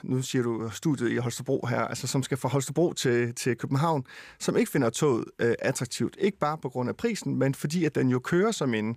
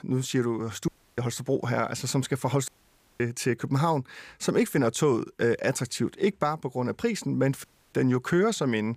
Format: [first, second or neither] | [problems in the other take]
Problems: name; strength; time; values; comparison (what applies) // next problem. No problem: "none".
first | audio cutting out; at 1 s, at 2.5 s for 0.5 s and at 7.5 s